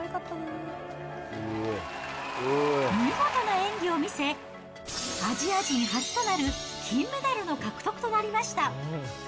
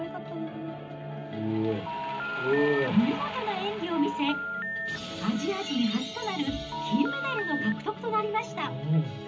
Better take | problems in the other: first | background sound (Telephone); 6 dB below the speech // room echo; dies away in 0.4 s

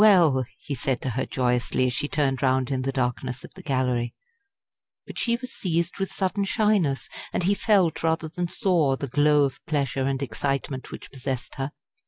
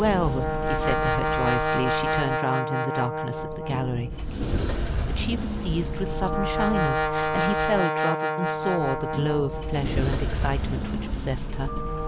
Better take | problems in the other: first | background sound (Brass instrument + Sliding door); 3 dB above the speech

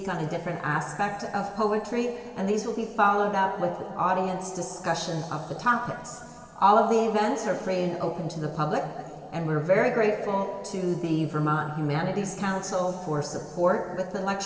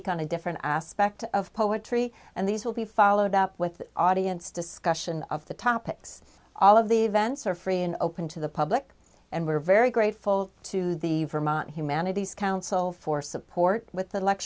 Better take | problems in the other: second | room echo; dies away in 2.6 s

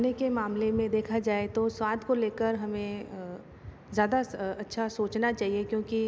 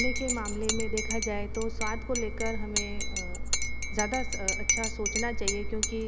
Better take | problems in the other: first | background sound (Engine + Cutlery, silverware / Dishes, pots, and pans / Chink, clink); 4 dB above the speech

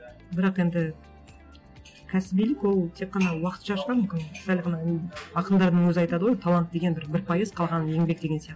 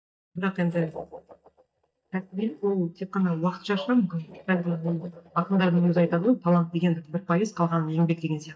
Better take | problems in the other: first | noise reduction (neural mask model DeepFilterNet 3)

